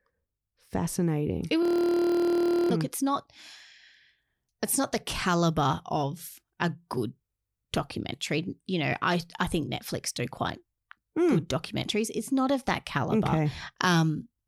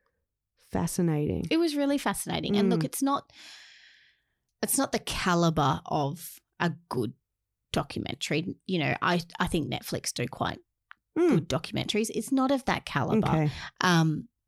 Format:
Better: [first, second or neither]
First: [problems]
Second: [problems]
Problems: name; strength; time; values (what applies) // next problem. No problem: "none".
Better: second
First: audio freezing; at 1.5 s for 1 s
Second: none